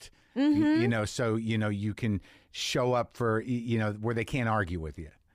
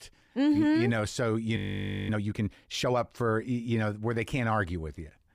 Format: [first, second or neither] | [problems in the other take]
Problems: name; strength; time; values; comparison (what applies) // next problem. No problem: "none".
first | audio freezing; at 1.5 s for 0.5 s